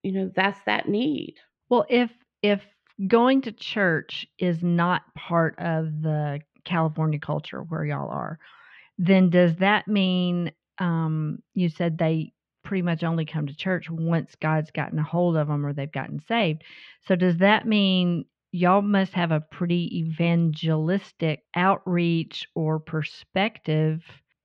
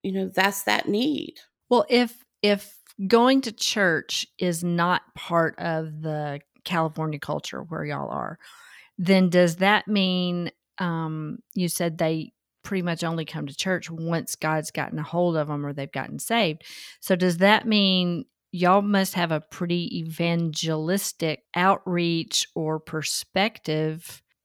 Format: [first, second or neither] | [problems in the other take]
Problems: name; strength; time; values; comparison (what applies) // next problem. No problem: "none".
second | muffled; very; fading above 3 kHz